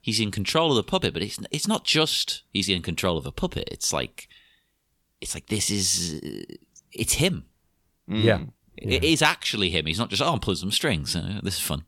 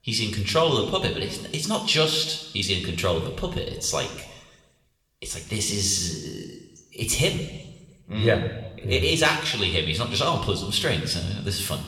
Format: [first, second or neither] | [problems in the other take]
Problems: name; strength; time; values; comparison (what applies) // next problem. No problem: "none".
first | room echo; slight; dies away in 1 s